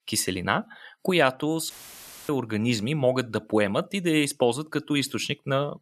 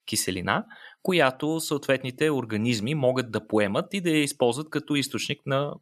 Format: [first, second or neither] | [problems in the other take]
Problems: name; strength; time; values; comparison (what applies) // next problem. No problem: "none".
second | audio cutting out; filled with static; at 1.5 s for 0.5 s